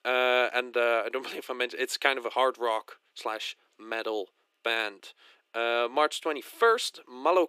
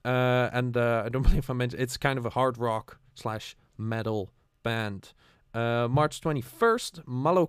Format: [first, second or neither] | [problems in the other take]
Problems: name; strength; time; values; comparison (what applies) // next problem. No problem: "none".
second | thin; very; fading below 300 Hz